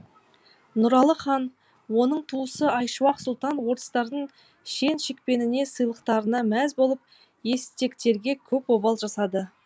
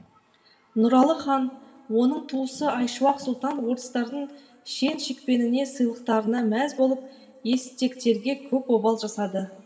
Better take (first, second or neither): first